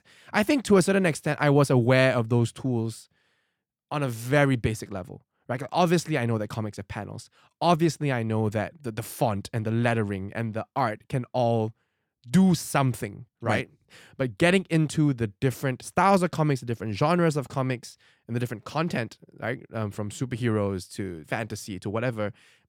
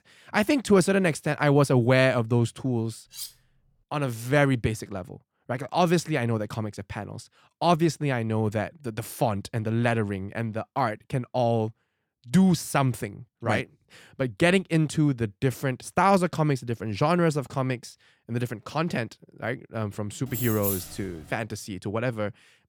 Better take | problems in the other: first | clattering dishes; faint; at 3 s; peak 10 dB below the speech // jangling keys; noticeable; at 20 s; peak 3 dB below the speech

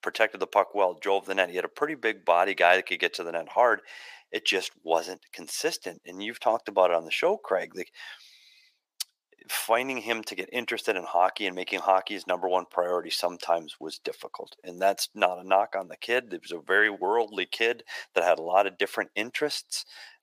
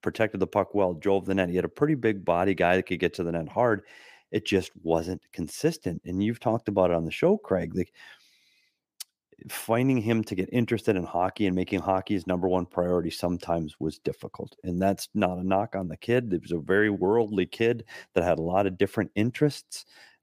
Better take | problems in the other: second | thin; very; fading below 750 Hz

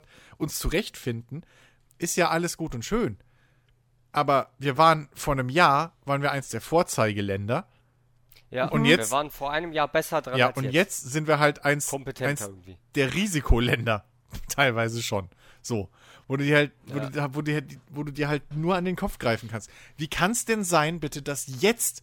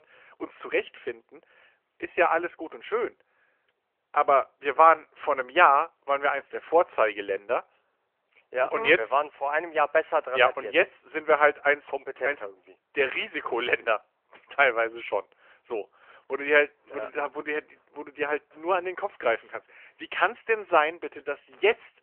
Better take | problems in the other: first | phone-call audio; nothing above 3 kHz

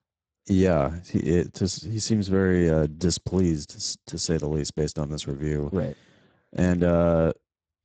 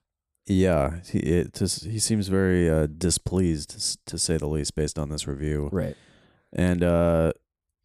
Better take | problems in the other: second | garbled, watery; badly; nothing above 7.5 kHz

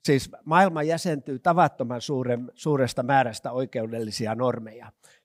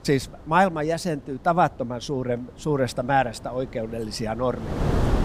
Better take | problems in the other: first | wind noise on the microphone; occasional gusts; 10 dB below the speech

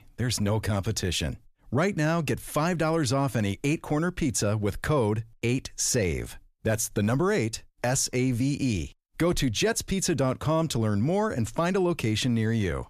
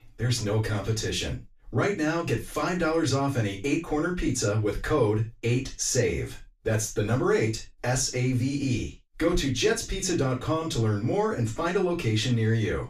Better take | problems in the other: first | room echo; slight; dies away in 0.2 s // off-mic speech; far

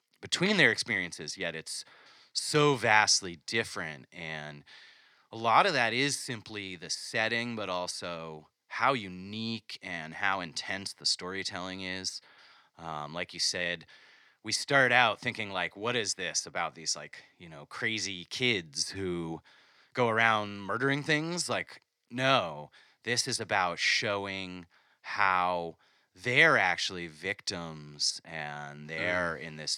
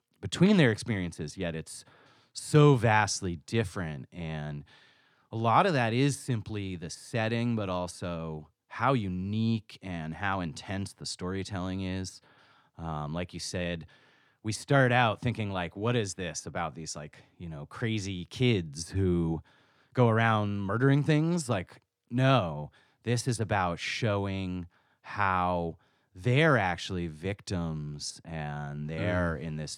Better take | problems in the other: second | thin; somewhat; fading below 650 Hz

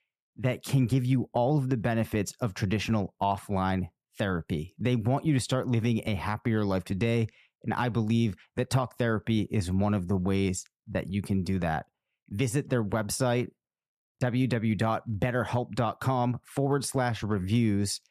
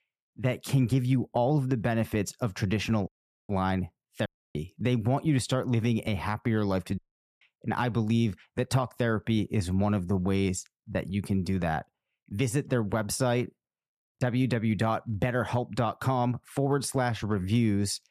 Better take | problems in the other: first | audio cutting out; at 3 s, at 4.5 s and at 7 s

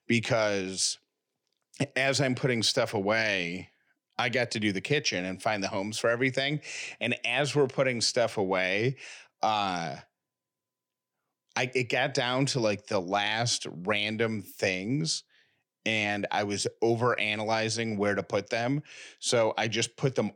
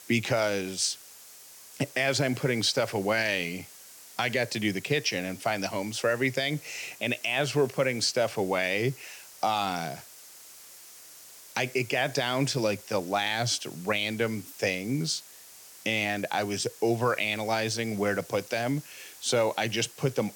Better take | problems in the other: first | hiss; noticeable; throughout; 20 dB below the speech

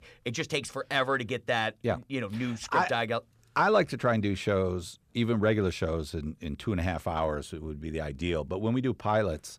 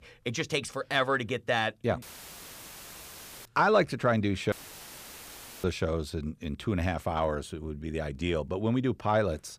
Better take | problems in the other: first | audio cutting out; filled with static; at 2 s for 1.5 s and at 4.5 s for 1 s

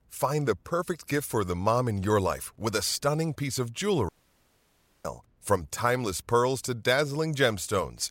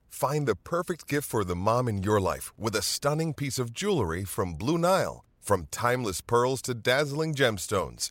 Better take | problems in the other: second | audio cutting out; at 4 s for 1 s

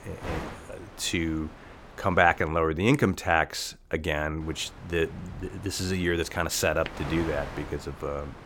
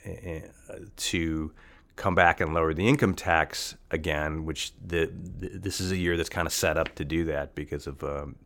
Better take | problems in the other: second | wind noise on the microphone; occasional gusts; until 2.5 s and from 4.5 s on; 15 dB below the speech

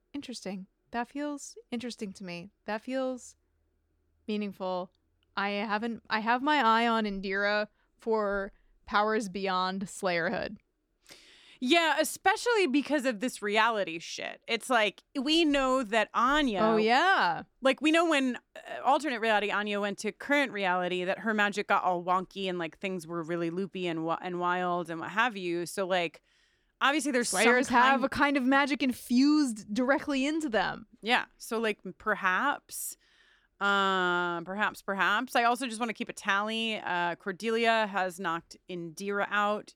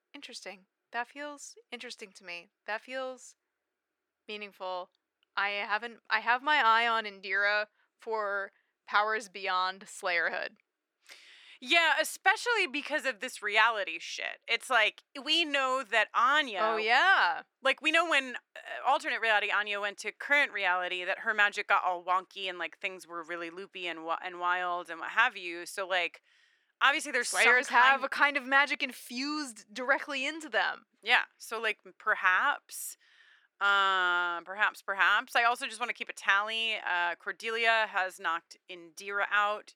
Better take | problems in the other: first | thin; very; fading below 500 Hz

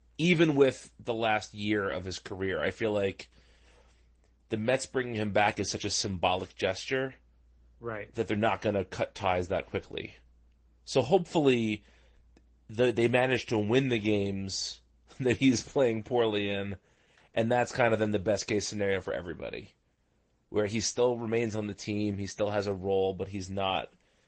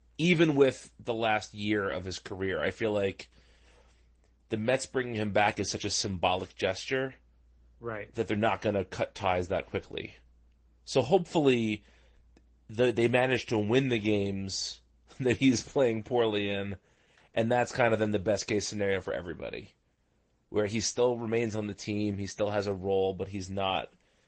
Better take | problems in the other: neither | garbled, watery; slightly; nothing above 8 kHz; the same in both

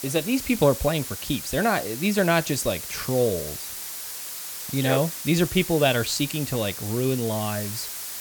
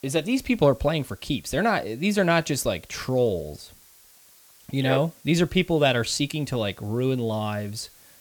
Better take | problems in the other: second | hiss; loud; throughout; 7 dB below the speech; faint in the second

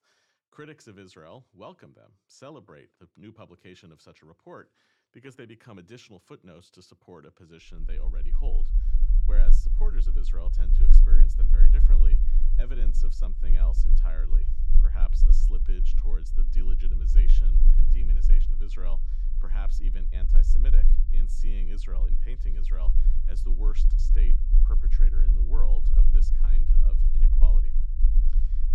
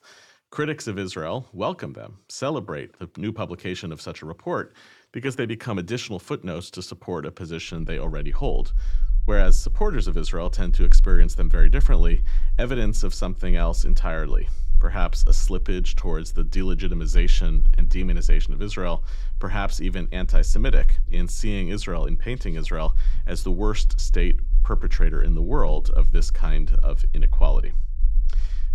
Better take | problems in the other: second | low rumble; loud; from 8 s on; 3 dB below the speech; faint in the second

